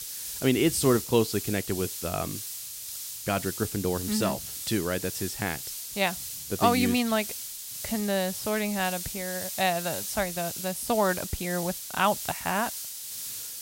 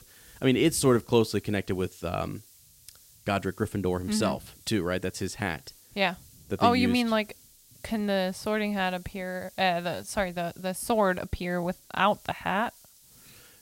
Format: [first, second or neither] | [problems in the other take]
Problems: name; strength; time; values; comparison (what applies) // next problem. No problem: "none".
second | hiss; loud; throughout; 6 dB below the speech; faint in the second